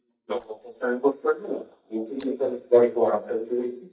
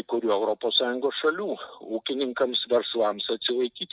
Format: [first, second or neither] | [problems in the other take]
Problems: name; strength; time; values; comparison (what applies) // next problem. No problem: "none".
second | noise reduction (neural mask model DeepFilterNet 3)